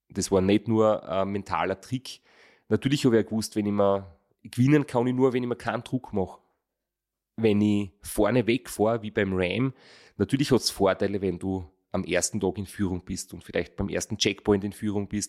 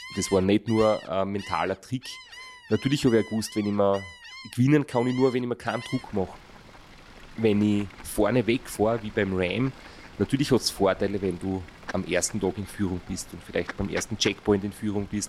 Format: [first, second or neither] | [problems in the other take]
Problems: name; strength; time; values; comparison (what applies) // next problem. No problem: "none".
first | animal sounds; noticeable; throughout; 15 dB below the speech